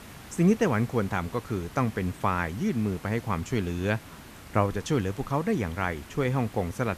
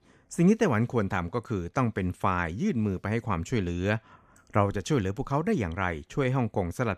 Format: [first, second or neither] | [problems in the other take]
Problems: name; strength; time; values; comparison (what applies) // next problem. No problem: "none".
second | hiss; noticeable; throughout; 15 dB below the speech